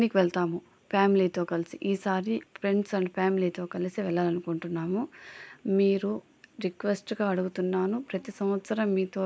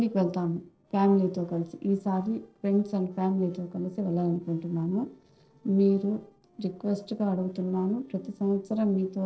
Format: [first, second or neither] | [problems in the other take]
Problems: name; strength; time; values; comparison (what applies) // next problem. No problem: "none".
first | noise reduction (neural separator model SepFormer DNS4)